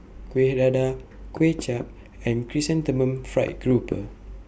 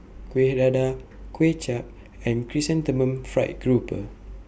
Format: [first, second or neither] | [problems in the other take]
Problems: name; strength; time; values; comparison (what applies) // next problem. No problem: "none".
second | background sound (Knock); 14 dB below the speech